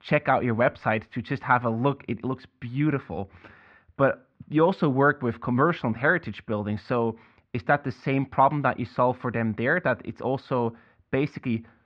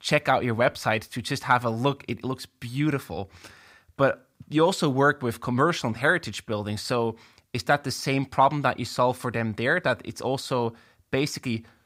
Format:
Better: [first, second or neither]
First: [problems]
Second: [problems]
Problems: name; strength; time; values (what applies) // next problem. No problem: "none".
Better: second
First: muffled; very; fading above 2.5 kHz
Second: none